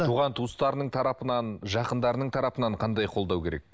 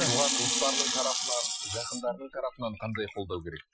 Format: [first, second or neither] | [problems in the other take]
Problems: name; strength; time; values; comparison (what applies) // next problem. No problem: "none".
first | noise reduction (classical method Wiener filter)